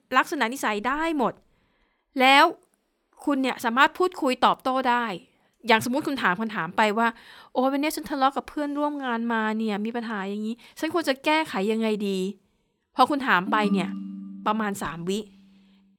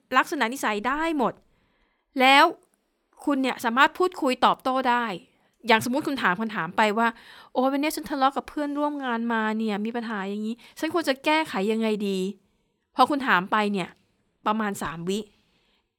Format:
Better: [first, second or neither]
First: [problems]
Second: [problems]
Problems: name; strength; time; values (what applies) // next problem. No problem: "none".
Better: second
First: phone ringing; noticeable; from 13 to 15 s; peak 4 dB below the speech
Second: none